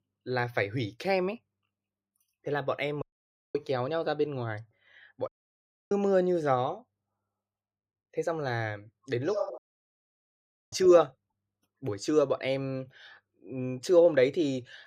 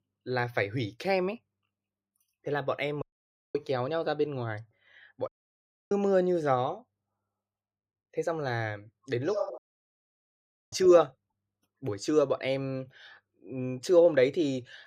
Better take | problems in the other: neither | audio cutting out; at 3 s for 0.5 s, at 5.5 s for 0.5 s and at 9.5 s for 1 s; the same in both

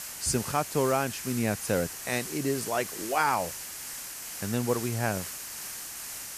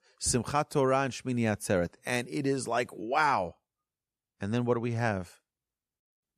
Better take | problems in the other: second | hiss; loud; throughout; 7 dB below the speech

